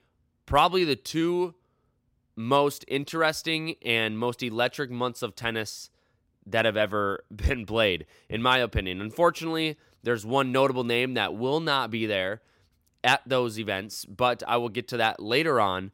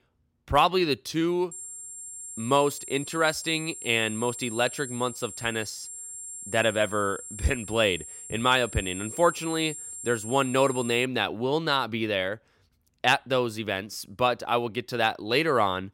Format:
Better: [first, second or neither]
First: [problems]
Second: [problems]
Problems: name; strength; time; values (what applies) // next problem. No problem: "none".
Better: first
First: none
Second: high-pitched whine; noticeable; from 1.5 to 11 s; 7.5 kHz, 10 dB below the speech